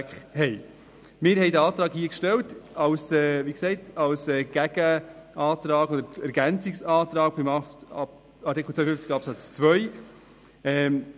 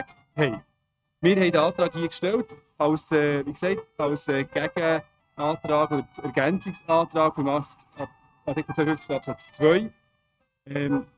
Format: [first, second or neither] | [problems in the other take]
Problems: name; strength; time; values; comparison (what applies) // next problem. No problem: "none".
first | noise reduction (neural mask model RNNoise)